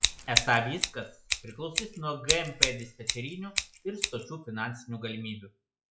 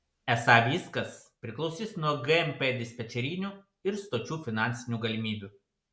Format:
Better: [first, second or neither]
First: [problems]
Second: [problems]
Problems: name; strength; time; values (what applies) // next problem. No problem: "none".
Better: second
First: noise reduction (classical method log-MMSE)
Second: none